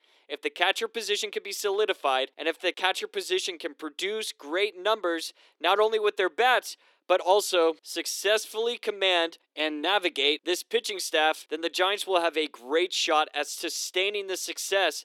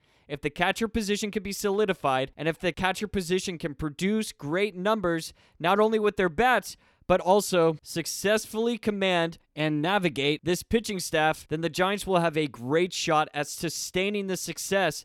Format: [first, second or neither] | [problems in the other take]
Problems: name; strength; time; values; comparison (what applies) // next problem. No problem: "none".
second | thin; very; fading below 300 Hz